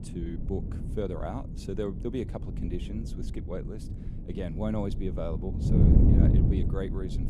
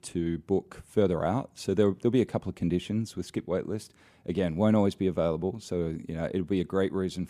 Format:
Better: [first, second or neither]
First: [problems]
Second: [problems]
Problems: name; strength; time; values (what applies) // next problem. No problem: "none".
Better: second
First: wind noise on the microphone; heavy; 1 dB below the speech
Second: none